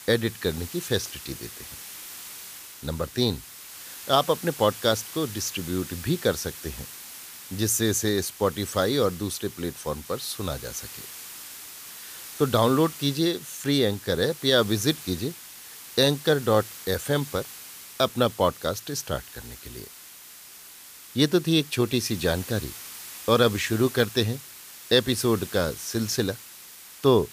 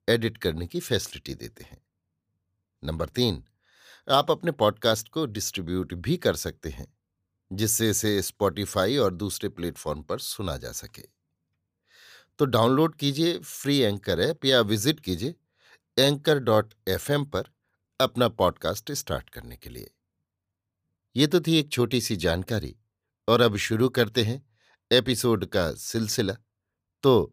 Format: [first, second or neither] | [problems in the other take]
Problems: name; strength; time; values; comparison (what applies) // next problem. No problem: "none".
second | hiss; noticeable; throughout; 15 dB below the speech